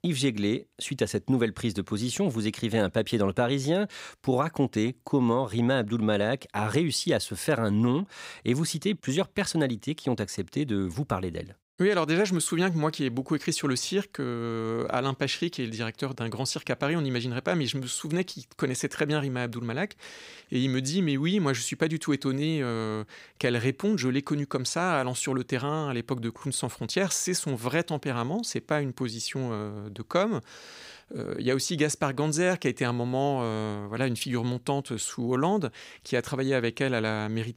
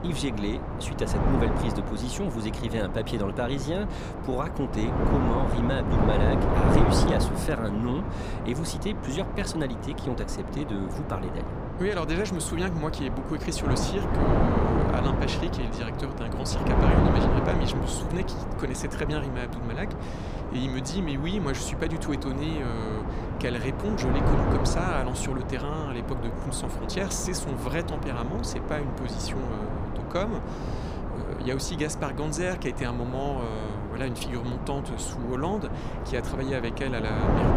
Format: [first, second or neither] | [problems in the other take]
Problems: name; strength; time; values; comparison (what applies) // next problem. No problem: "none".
first | wind noise on the microphone; heavy; as loud as the speech